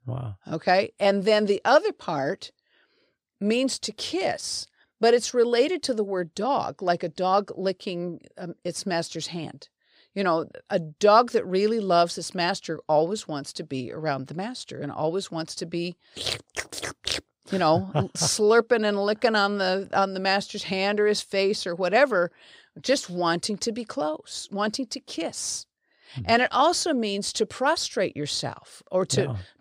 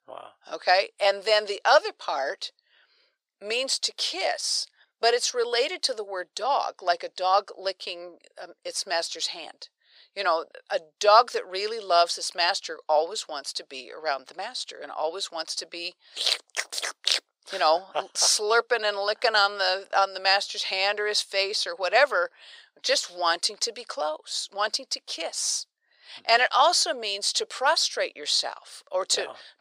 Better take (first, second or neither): first